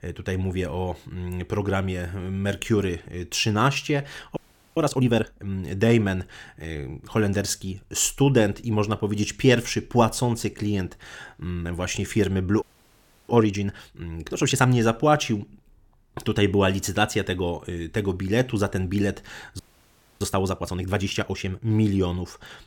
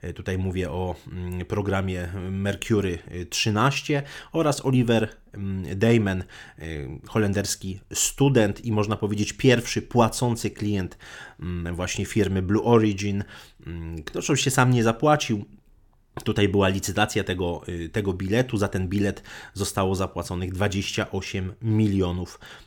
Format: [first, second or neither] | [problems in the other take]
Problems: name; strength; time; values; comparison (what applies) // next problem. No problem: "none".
second | audio freezing; at 4.5 s, at 13 s for 0.5 s and at 20 s for 0.5 s